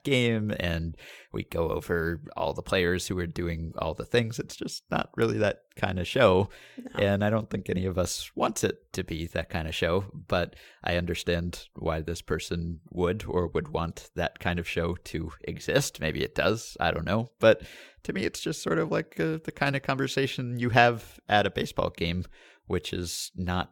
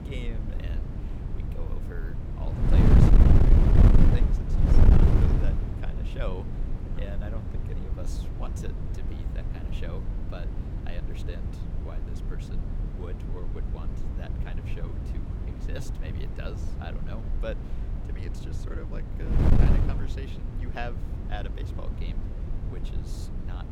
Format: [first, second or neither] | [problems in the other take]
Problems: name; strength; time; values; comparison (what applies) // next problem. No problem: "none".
first | wind noise on the microphone; heavy; 5 dB above the speech